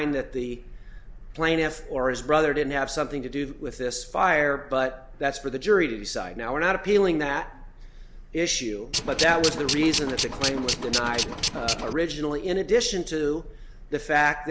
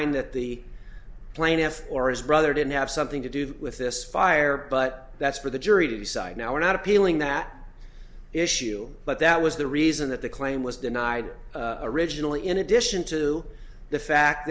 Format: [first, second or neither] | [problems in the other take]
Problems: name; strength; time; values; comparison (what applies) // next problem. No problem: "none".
second | background sound (Tools); 3 dB below the speech